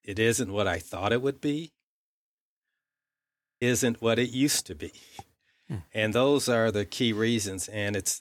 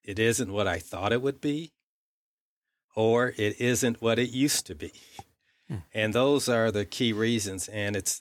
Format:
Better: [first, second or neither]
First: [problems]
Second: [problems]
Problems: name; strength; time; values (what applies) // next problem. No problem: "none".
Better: second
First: audio freezing; at 3 s for 1 s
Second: none